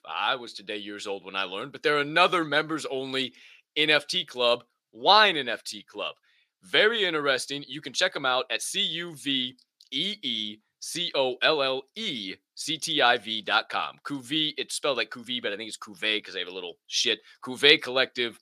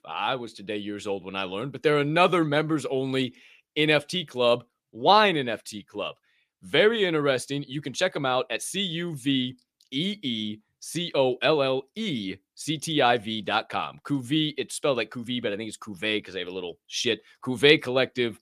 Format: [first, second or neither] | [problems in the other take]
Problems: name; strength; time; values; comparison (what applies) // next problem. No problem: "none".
second | thin; very slightly; fading below 500 Hz